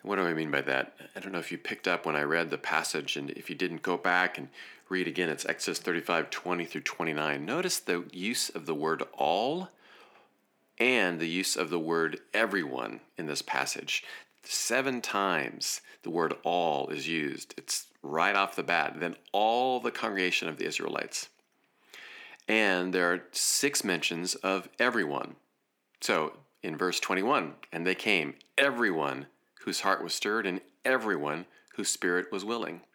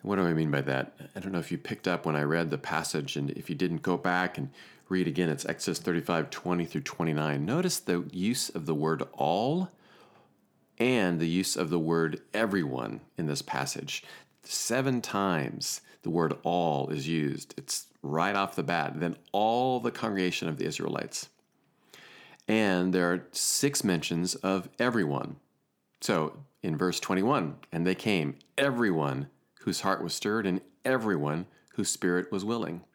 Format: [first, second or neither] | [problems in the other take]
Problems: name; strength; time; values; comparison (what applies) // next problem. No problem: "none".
second | thin; somewhat; fading below 300 Hz